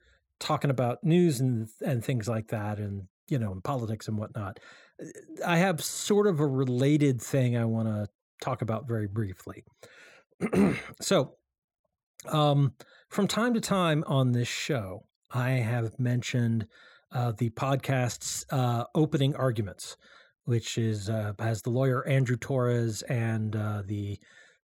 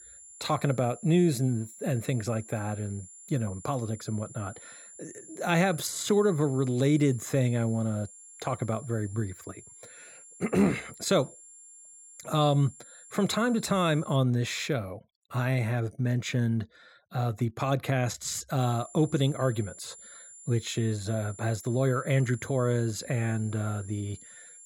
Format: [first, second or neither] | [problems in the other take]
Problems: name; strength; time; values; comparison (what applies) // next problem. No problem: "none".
first | high-pitched whine; noticeable; until 14 s and from 19 s on; 7 kHz, 20 dB below the speech